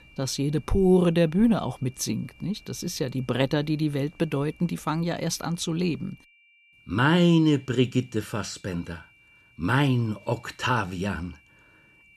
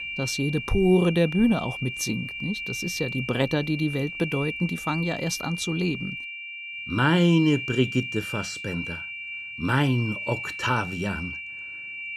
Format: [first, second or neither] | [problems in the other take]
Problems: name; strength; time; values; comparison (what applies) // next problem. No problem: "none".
first | high-pitched whine; loud; throughout; 2.5 kHz, 7 dB below the speech; faint in the first